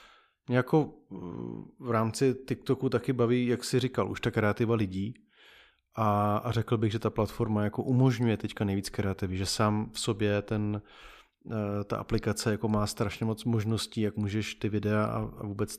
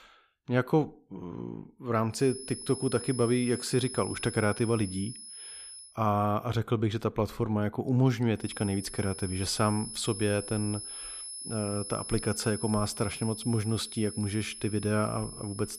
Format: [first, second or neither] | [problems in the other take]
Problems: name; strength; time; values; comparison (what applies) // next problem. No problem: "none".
first | high-pitched whine; loud; from 2 to 6 s and from 8.5 s on; 10.5 kHz, 9 dB below the speech